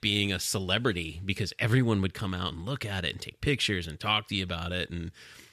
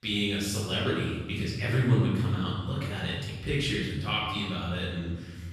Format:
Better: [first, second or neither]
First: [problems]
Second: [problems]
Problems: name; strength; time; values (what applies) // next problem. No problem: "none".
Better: first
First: none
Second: off-mic speech; far // room echo; strong; dies away in 1.6 s